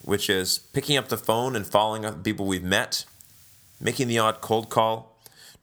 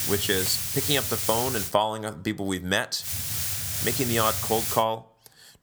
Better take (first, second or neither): first